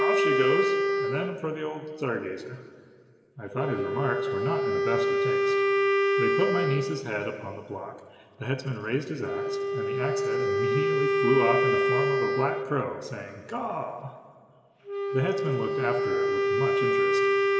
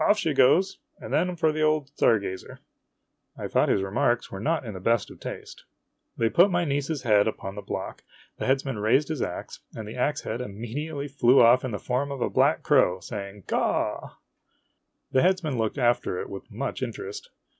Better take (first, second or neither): second